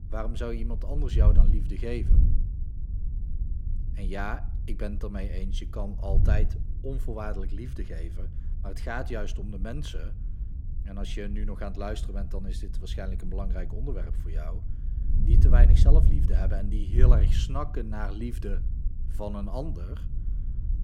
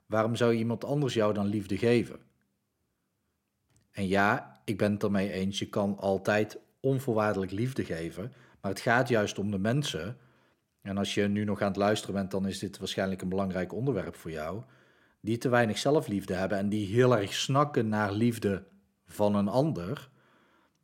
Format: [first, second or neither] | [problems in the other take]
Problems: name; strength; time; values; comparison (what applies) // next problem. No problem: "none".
second | wind noise on the microphone; heavy; 9 dB below the speech